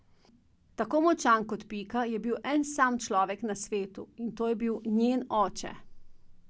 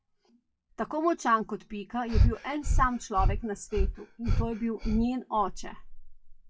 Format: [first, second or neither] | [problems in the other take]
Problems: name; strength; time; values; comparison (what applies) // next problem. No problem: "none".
first | noise reduction (classical method WPE with log-MMSE)